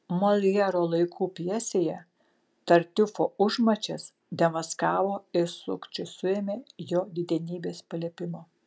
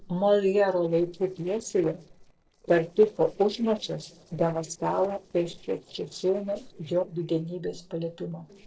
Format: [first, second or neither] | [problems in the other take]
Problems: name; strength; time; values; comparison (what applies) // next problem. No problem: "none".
first | noise reduction (neural separator model SepFormer DNS4)